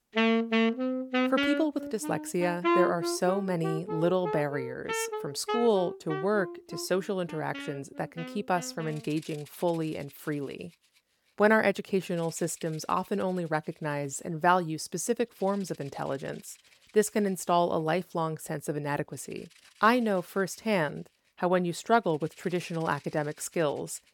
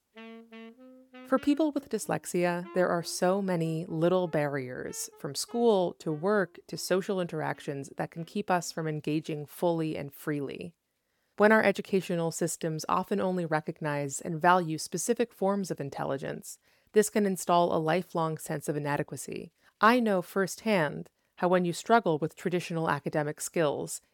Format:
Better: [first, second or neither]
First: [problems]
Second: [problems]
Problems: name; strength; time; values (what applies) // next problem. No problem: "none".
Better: second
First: background music; loud; throughout; 2 dB below the speech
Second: background music; faint; throughout; 25 dB below the speech